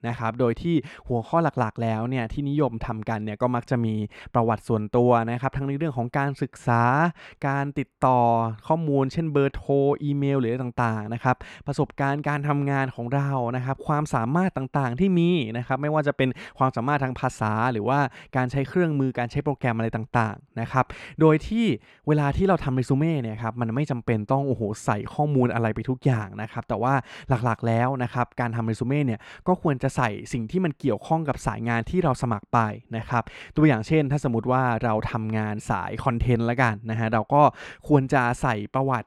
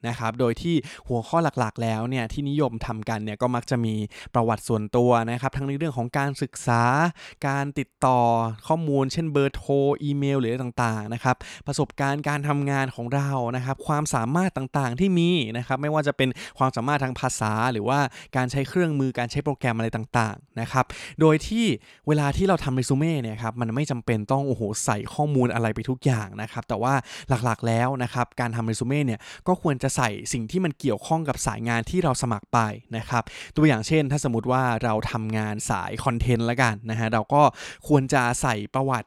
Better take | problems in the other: second | muffled; slightly; fading above 3.5 kHz

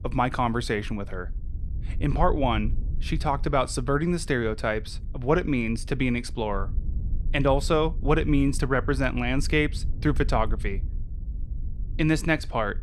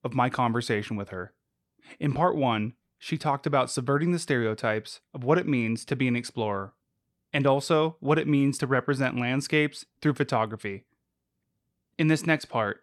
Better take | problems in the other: second | low rumble; faint; throughout; 25 dB below the speech

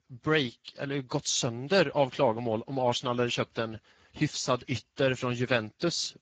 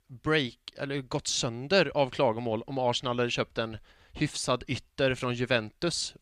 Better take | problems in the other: second | garbled, watery; badly; nothing above 7.5 kHz

